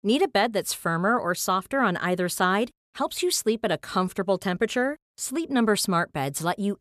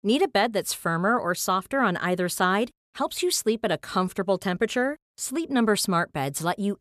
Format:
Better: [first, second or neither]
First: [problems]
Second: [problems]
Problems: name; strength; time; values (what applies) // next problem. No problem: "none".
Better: neither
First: none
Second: none